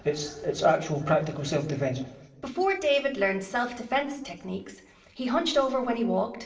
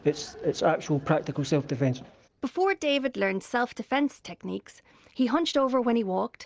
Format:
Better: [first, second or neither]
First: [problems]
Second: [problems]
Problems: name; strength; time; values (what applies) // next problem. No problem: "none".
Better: second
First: room echo; dies away in 0.8 s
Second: none